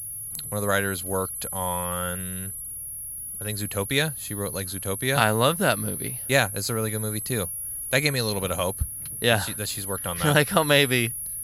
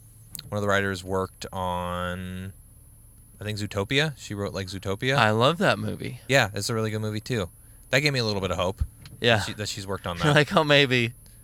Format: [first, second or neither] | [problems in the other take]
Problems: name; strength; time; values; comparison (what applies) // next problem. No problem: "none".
second | high-pitched whine; loud; throughout; 11 kHz, 6 dB below the speech; faint in the second